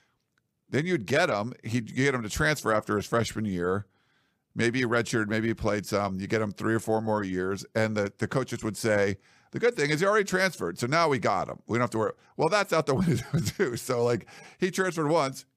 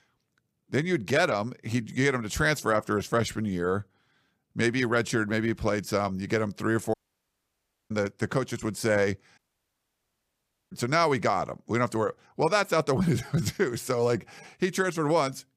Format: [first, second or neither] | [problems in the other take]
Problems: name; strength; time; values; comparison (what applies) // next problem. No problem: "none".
first | audio cutting out; at 7 s for 1 s and at 9.5 s for 1.5 s